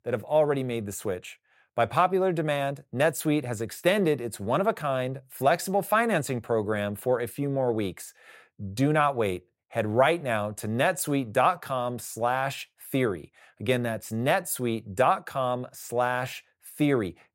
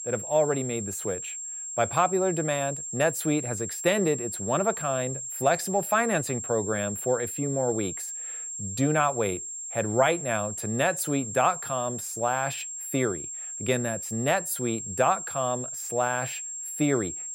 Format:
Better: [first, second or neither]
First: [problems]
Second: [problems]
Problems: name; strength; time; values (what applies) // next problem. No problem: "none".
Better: first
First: none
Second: high-pitched whine; loud; throughout; 7.5 kHz, 6 dB below the speech